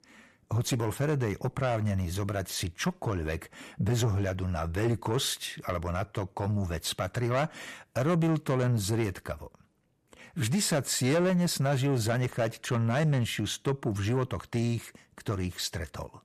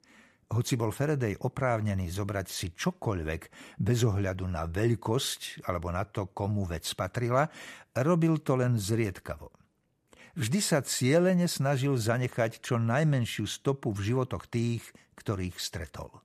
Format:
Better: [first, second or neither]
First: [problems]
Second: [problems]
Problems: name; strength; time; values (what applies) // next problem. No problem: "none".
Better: second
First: distortion; slight; 10 dB below the speech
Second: none